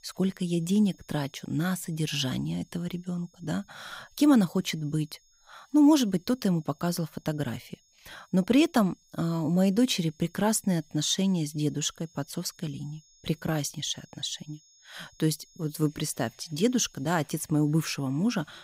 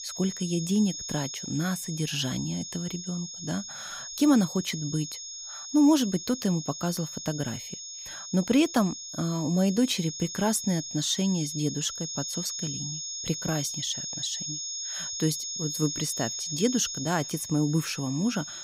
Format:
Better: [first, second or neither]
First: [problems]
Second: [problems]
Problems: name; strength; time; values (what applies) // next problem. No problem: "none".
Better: first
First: high-pitched whine; faint; throughout; 6.5 kHz, 30 dB below the speech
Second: high-pitched whine; loud; throughout; 6.5 kHz, 6 dB below the speech